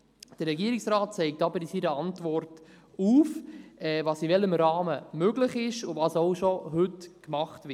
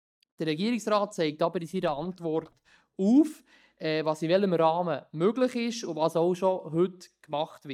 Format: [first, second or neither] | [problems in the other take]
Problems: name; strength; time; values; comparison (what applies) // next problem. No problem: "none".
first | noise reduction (neural mask model DeepFilterNet 3)